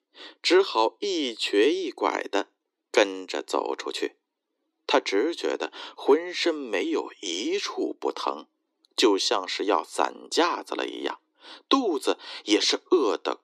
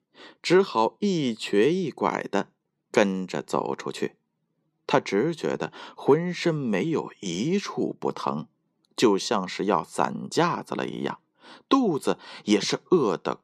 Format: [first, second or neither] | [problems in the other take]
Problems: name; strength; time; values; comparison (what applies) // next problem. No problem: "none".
second | thin; very slightly; fading below 300 Hz